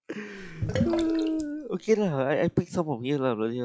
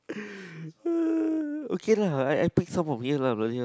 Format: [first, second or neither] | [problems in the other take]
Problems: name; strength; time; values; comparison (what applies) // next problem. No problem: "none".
second | noise reduction (classical method log-MMSE)